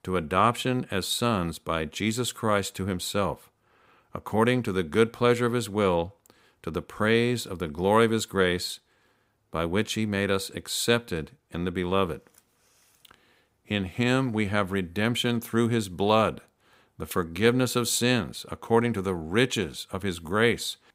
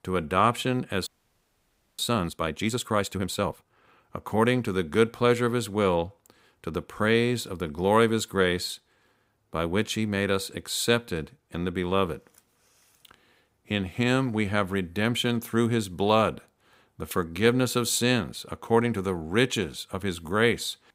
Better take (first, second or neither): first